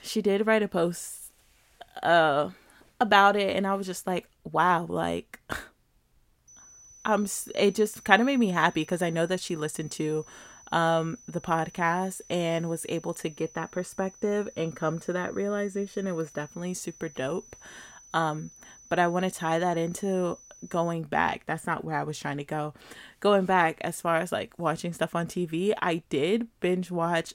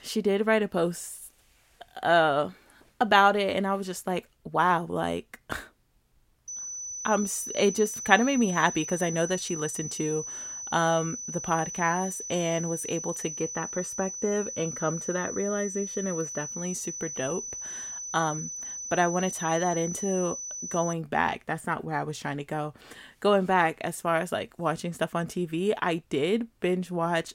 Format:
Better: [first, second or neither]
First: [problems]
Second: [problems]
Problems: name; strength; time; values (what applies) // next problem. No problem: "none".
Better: first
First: high-pitched whine; faint; from 6.5 to 21 s; 6 kHz, 20 dB below the speech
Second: high-pitched whine; loud; from 6.5 to 21 s; 6 kHz, 6 dB below the speech